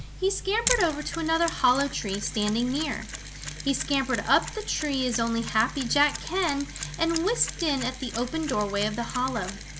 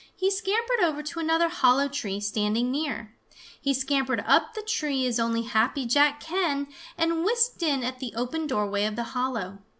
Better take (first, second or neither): second